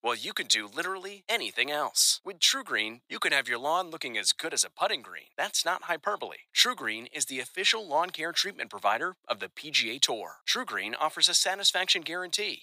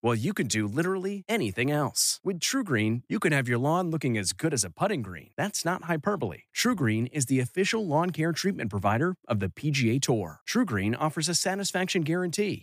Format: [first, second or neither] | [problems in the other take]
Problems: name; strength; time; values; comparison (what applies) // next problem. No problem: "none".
second | thin; very; fading below 750 Hz